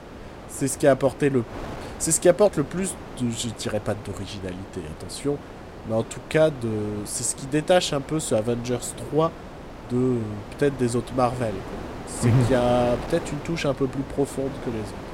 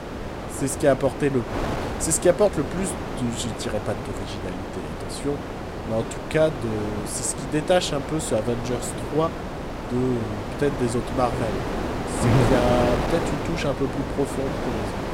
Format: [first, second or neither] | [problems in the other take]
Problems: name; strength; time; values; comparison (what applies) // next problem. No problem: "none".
first | wind noise on the microphone; heavy; 4 dB below the speech; occasional gusts in the first